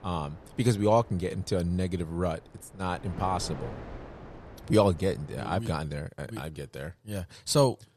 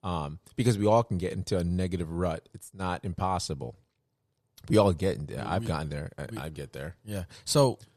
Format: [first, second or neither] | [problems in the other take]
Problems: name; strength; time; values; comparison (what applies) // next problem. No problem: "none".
second | wind noise on the microphone; occasional gusts; until 5.5 s; 20 dB below the speech